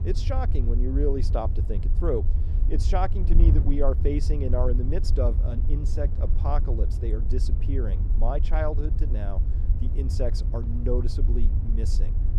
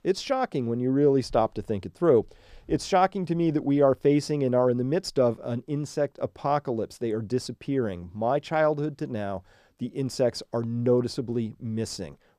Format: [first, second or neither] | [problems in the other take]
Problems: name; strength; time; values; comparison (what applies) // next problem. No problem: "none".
second | wind noise on the microphone; occasional gusts; 10 dB below the speech